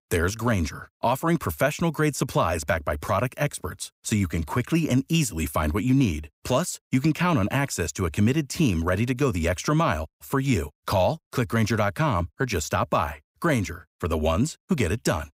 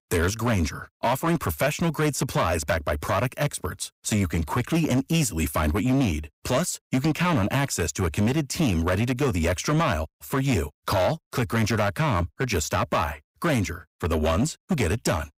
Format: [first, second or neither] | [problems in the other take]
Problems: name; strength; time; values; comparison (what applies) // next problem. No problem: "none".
first | distortion; slight; 11% of the sound clipped